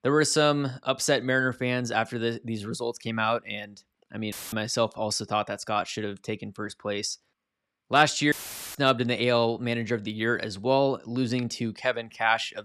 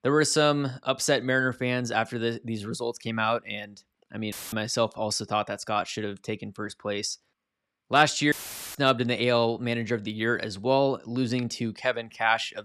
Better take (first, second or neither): neither